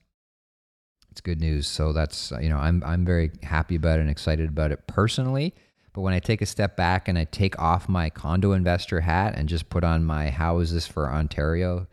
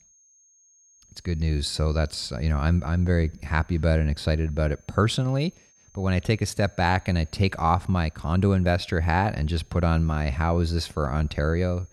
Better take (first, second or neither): first